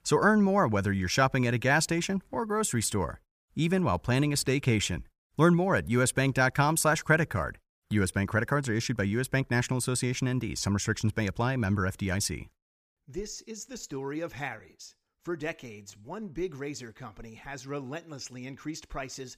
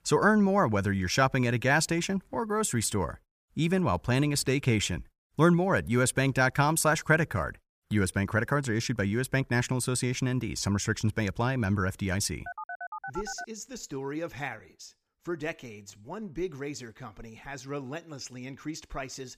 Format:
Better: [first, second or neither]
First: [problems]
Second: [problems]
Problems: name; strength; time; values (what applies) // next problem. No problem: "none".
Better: first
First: none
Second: phone ringing; faint; at 12 s; peak 10 dB below the speech